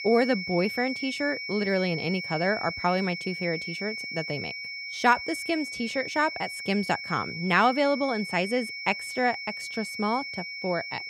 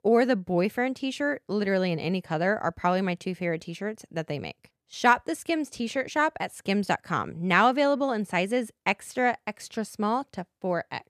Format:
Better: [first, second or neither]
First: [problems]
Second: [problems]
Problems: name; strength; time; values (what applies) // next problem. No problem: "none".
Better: second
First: high-pitched whine; loud; throughout; 2 kHz, 6 dB below the speech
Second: none